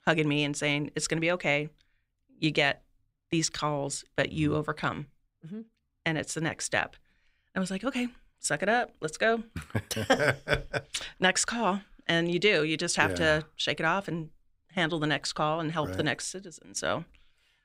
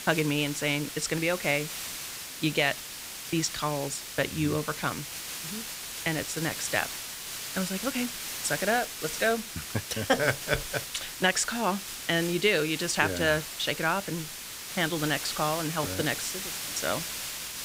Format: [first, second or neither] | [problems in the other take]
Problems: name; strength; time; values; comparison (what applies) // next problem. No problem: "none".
first | hiss; loud; throughout; 6 dB below the speech